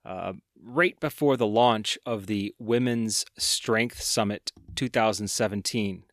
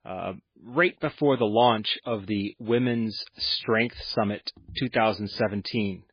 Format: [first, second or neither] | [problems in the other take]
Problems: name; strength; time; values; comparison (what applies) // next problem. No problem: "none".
first | garbled, watery; badly; nothing above 5 kHz